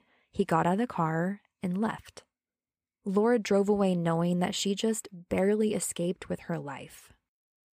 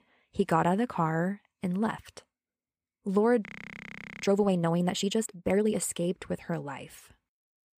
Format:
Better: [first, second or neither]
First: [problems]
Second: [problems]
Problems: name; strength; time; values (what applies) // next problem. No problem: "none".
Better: first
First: none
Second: audio freezing; at 3.5 s for 1 s